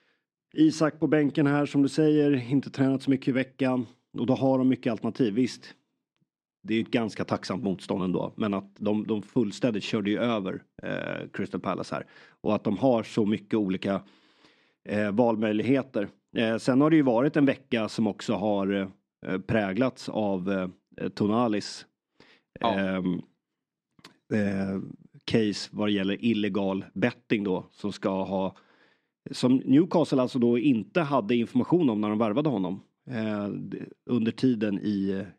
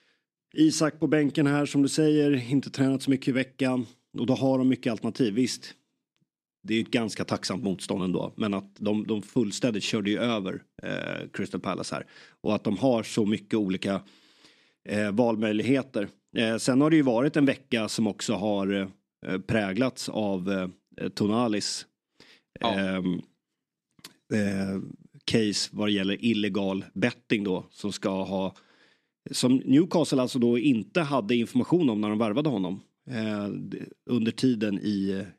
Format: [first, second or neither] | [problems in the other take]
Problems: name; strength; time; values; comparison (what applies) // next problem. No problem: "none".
second | muffled; slightly; fading above 2.5 kHz